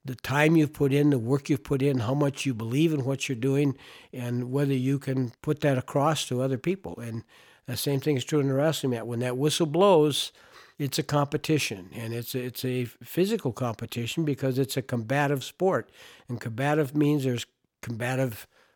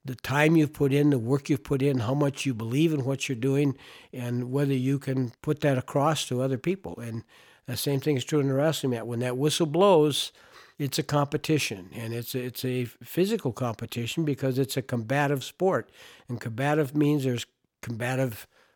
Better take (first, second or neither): neither